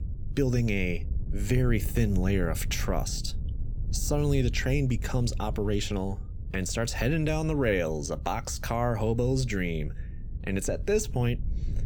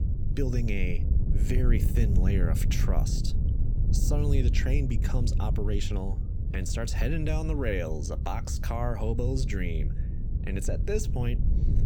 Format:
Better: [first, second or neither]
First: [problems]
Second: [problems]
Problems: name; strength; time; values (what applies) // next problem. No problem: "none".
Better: first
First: wind noise on the microphone; occasional gusts; 20 dB below the speech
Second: wind noise on the microphone; heavy; 8 dB below the speech